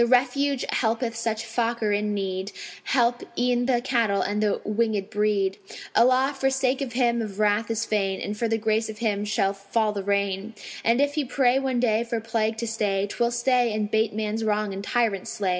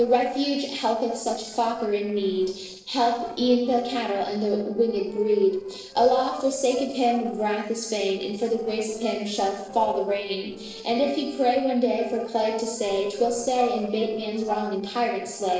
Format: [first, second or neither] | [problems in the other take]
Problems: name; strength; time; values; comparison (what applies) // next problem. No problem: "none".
first | noise reduction (neural separator model SepFormer DNS4)